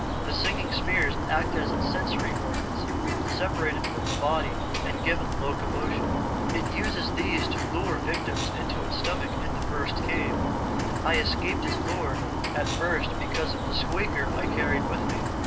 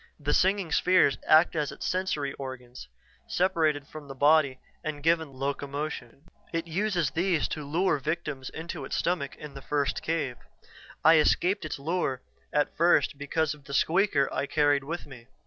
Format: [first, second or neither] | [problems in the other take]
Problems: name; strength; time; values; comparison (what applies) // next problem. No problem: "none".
second | background sound (Bird); 5 dB above the speech // room echo; dies away in 0.2 s